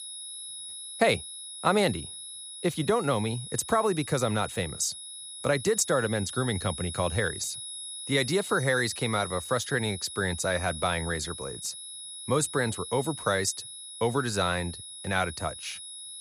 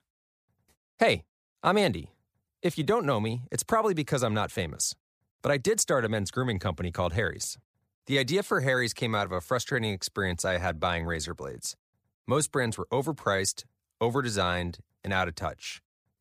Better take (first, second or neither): second